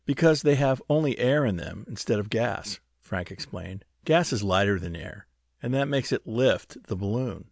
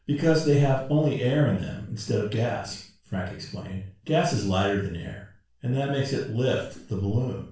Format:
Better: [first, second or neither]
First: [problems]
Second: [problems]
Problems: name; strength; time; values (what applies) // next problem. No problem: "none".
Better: first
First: none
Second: room echo; dies away in 0.4 s